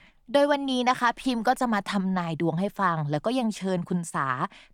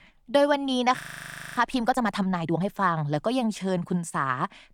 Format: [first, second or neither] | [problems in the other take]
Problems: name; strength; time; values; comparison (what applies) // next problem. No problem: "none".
first | audio freezing; at 1 s for 0.5 s